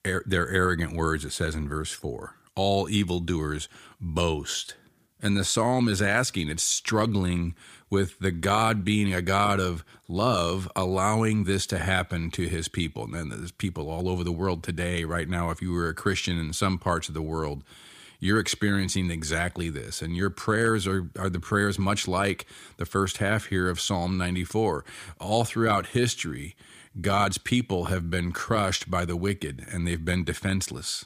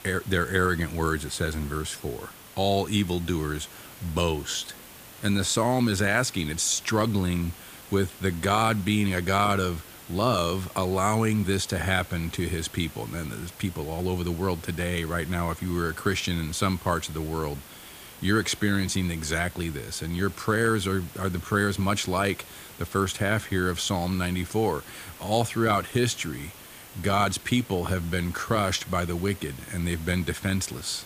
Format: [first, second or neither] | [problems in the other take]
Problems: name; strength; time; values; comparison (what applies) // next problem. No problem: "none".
first | hiss; noticeable; throughout; 15 dB below the speech